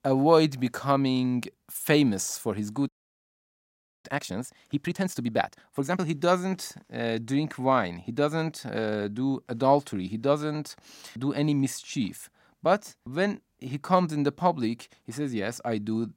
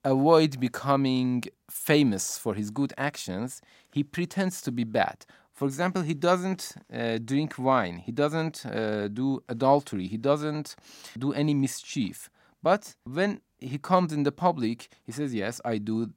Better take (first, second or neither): second